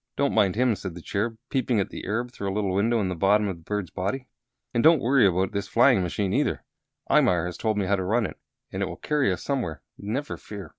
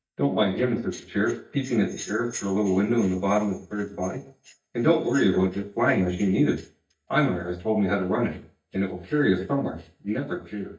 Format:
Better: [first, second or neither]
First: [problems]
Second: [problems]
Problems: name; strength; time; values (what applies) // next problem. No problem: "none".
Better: first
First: none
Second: noise reduction (neural mask model DeepFilterNet 3)